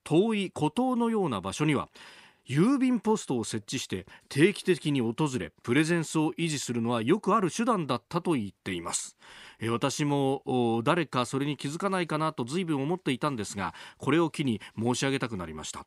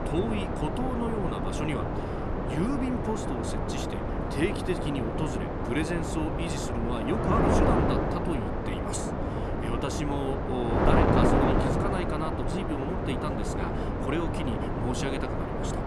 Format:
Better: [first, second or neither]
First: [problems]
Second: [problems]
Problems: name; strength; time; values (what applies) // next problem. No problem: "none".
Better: first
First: none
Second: wind noise on the microphone; heavy; 4 dB above the speech